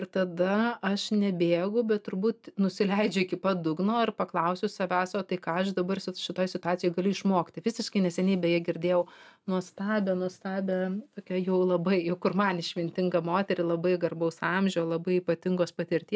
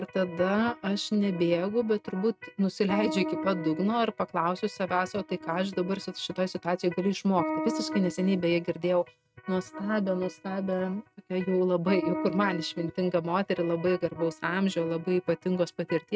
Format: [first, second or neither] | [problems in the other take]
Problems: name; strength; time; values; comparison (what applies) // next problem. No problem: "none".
first | noise reduction (neural mask model RNNoise)